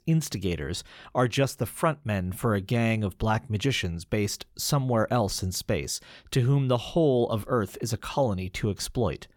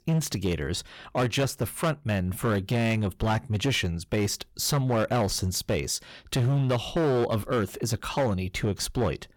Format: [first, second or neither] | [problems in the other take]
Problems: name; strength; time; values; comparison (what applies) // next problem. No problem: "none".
first | distortion; slight; 11% of the sound clipped